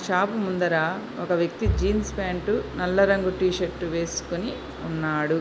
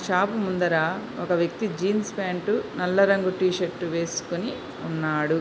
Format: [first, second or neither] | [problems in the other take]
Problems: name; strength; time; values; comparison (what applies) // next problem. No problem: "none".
second | background sound (Bowed string instrument); 9 dB below the speech